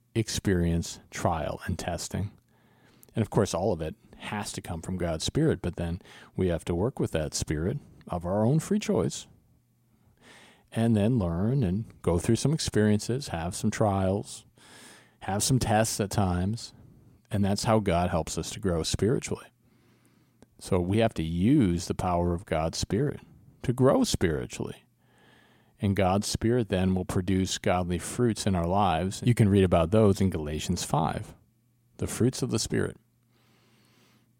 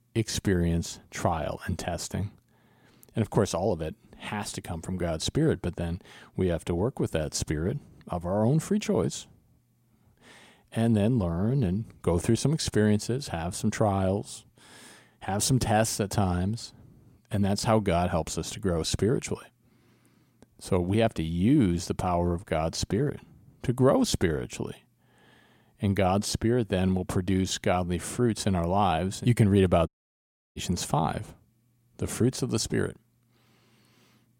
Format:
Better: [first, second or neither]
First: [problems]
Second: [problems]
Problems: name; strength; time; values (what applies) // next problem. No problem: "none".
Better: first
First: none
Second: audio cutting out; at 30 s for 0.5 s